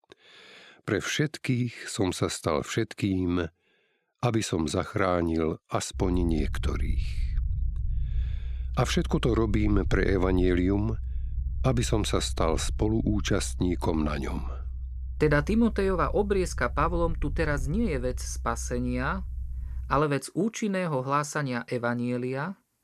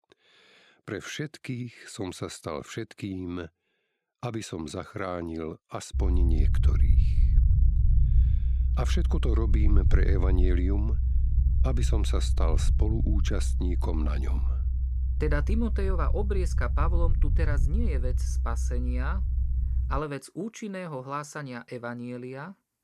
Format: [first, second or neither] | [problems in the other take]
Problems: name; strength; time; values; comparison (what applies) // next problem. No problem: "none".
first | low rumble; loud; from 6 to 20 s; 9 dB below the speech; faint in the first